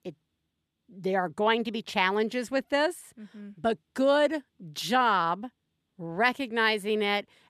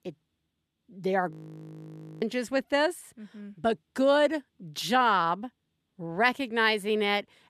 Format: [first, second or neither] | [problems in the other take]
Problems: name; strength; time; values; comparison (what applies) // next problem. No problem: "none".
first | audio freezing; at 1.5 s for 1 s